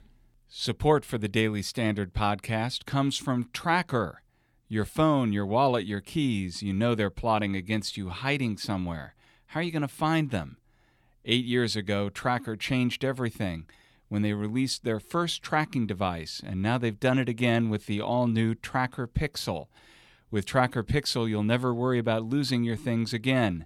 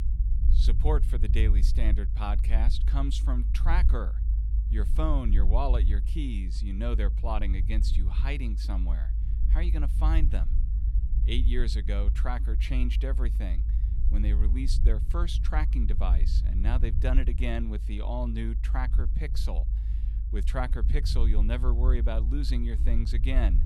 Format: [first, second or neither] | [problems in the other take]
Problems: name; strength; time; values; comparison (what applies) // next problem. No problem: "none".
first | low rumble; noticeable; throughout; 10 dB below the speech